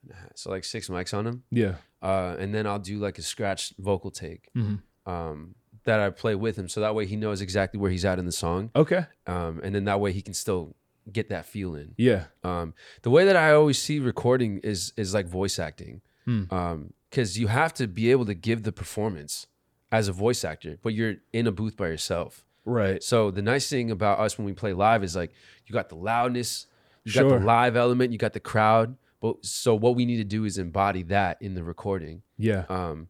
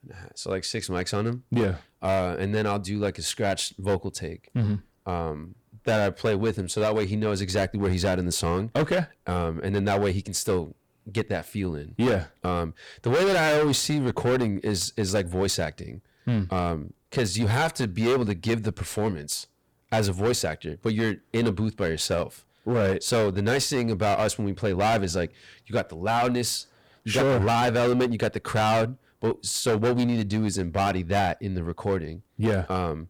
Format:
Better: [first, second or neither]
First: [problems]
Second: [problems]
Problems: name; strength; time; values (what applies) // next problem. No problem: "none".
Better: first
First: none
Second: distortion; heavy; 13% of the sound clipped